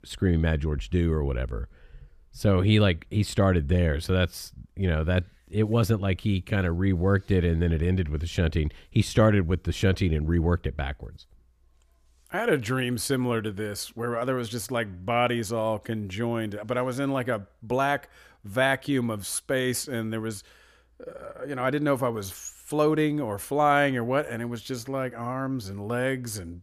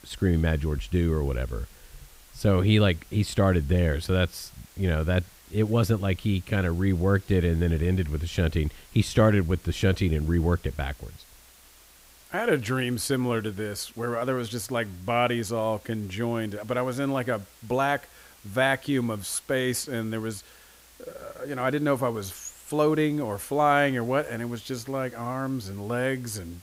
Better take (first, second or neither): first